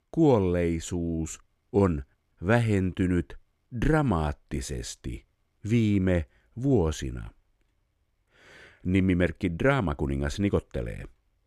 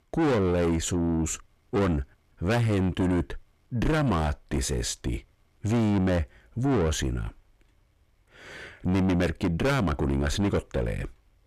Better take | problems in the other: first | distortion; heavy; 6 dB below the speech

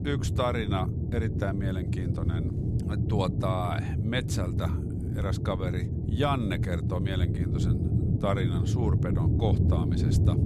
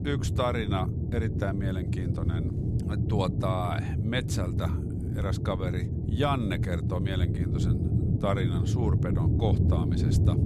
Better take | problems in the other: neither | low rumble; loud; throughout; 5 dB below the speech; the same in both

